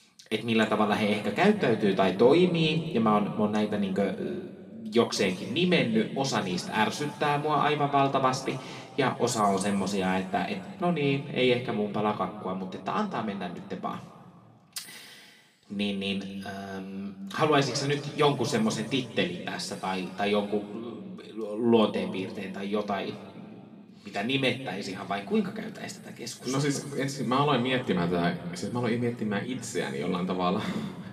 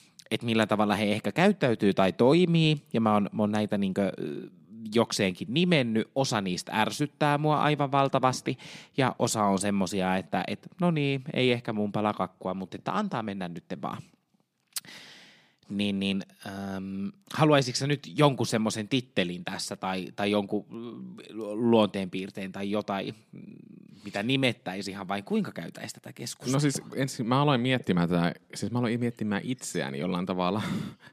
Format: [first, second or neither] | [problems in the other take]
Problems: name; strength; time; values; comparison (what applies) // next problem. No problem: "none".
second | room echo; slight; dies away in 1.7 s // off-mic speech; somewhat distant